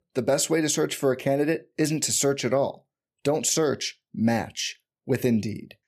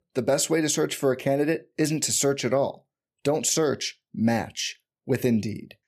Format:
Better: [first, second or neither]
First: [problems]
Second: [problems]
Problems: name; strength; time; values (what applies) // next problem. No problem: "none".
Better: neither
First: none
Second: none